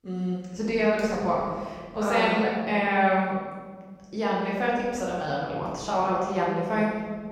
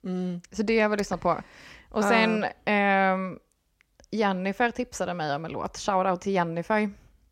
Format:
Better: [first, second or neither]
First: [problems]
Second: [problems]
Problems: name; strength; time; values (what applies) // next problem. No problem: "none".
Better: second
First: room echo; noticeable; dies away in 1.5 s // off-mic speech; far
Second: none